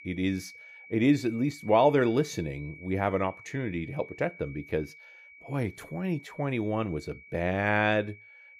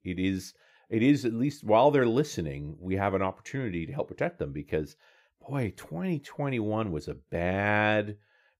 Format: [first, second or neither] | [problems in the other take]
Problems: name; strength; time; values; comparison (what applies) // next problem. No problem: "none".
second | high-pitched whine; noticeable; throughout; 2.5 kHz, 20 dB below the speech